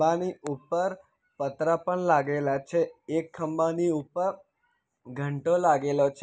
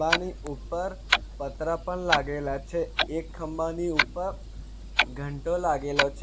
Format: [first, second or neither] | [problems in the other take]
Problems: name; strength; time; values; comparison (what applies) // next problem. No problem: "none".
first | background sound (Clock); as loud as the speech